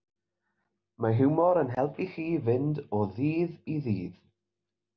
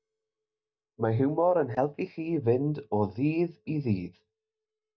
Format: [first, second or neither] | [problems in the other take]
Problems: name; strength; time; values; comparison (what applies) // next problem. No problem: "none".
first | noise reduction (neural mask model DeepFilterNet 3)